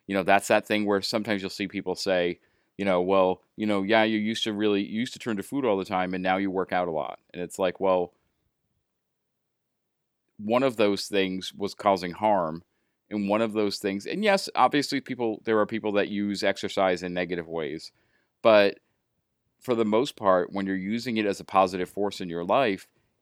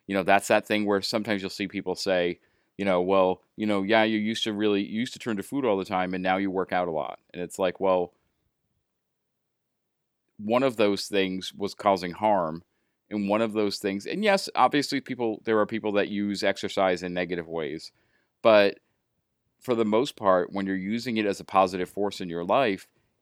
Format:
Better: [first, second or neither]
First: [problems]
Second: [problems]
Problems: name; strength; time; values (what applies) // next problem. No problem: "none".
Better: neither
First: none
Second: none